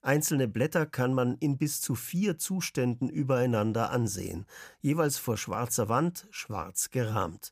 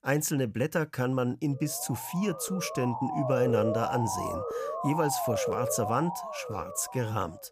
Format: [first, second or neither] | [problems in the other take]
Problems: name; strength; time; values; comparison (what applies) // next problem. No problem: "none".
first | siren; loud; from 1.5 s on; peak 1 dB above the speech